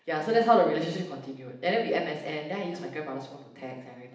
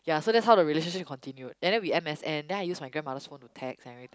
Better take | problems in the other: second | room echo; dies away in 0.8 s

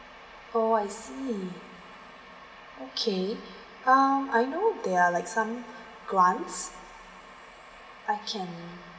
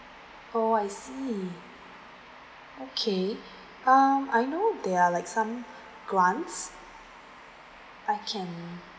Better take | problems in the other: second | room echo; dies away in 2.2 s

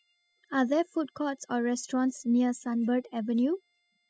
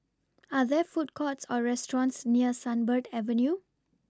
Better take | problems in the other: second | noise reduction (classical method spectral subtraction)

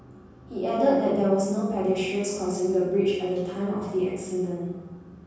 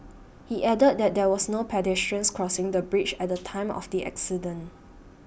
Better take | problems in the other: second | room echo; dies away in 1.3 s

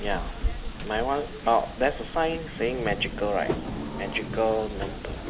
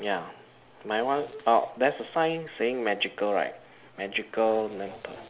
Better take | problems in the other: second | background sound (Rain + Subway, metro, underground); 5 dB below the speech

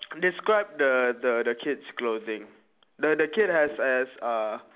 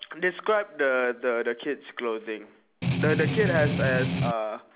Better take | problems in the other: first | background sound (Strum); 2 dB above the speech

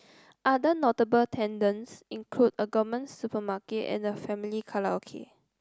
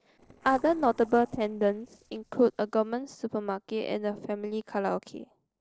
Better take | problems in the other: first | noise reduction (neural separator model SepFormer DNS4)

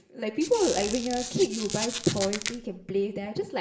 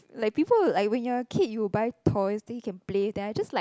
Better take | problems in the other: second | background sound (Squeak); 7 dB below the speech // room echo; dies away in 0.5 s

